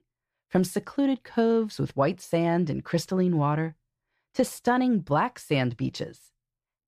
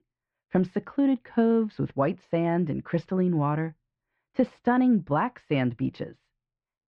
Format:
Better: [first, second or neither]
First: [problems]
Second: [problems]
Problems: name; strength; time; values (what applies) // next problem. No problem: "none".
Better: first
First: none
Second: muffled; very; fading above 2.5 kHz